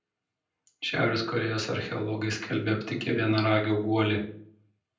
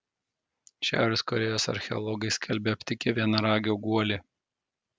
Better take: second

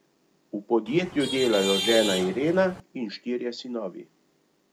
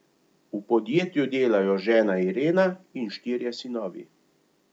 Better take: second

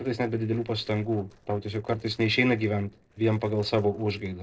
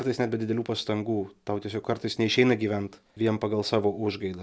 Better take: second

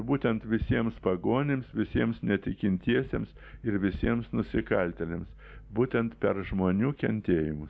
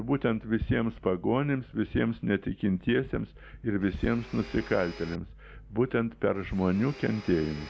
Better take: first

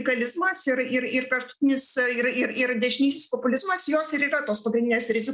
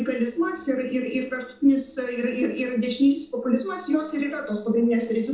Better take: first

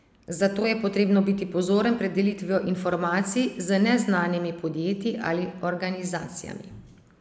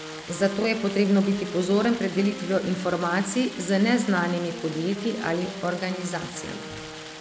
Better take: first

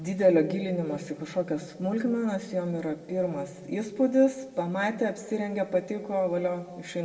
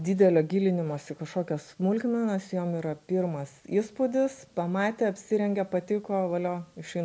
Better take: second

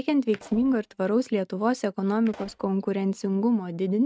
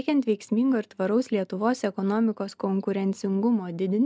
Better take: second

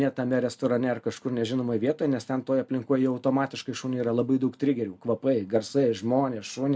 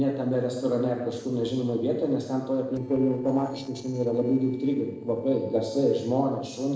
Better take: first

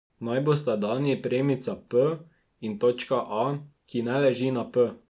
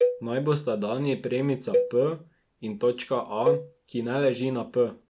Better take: first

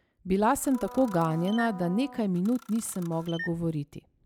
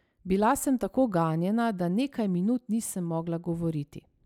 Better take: second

